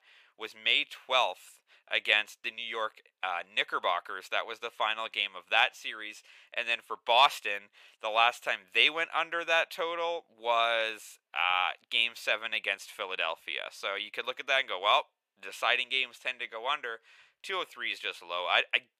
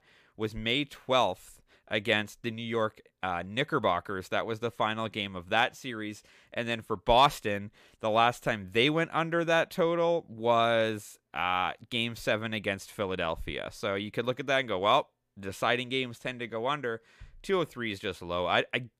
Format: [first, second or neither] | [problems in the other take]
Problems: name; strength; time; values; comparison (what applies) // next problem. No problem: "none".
second | thin; very; fading below 800 Hz